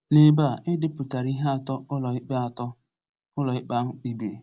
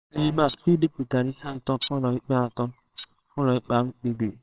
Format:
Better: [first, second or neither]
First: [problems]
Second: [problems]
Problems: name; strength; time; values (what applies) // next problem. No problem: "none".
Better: first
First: none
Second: noise reduction (neural separator model SepFormer WHAMR!)